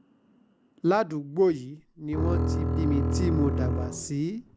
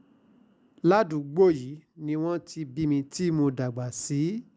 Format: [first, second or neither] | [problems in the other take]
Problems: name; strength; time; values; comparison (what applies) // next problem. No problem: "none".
second | background sound (Bowed string instrument); 1 dB above the speech